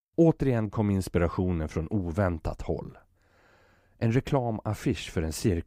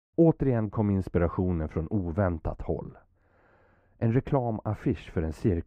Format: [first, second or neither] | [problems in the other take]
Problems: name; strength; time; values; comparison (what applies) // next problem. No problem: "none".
first | muffled; very; fading above 3 kHz